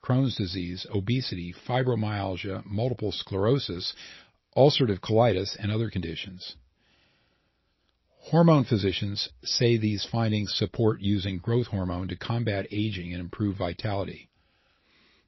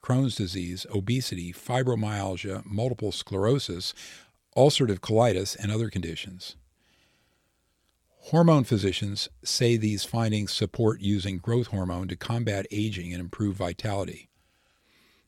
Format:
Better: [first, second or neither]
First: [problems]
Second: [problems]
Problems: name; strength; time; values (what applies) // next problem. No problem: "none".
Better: second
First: garbled, watery; slightly; nothing above 5.5 kHz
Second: none